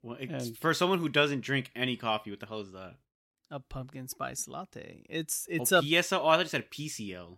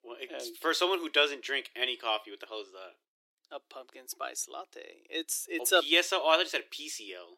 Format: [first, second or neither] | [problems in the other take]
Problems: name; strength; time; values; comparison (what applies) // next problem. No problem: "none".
first | thin; very; fading below 350 Hz